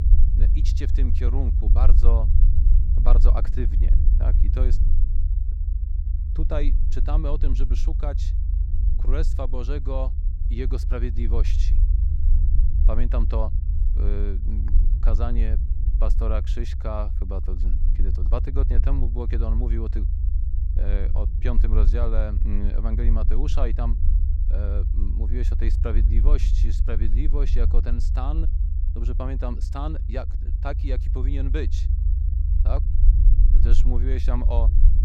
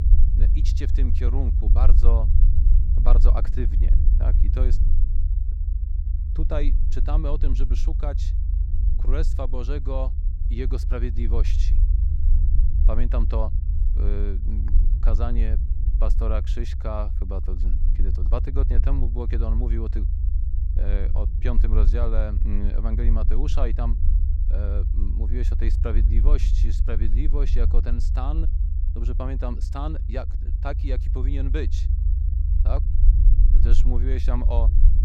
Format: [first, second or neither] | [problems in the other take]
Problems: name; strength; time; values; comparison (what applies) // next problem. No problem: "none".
neither | low rumble; loud; throughout; 8 dB below the speech; the same in both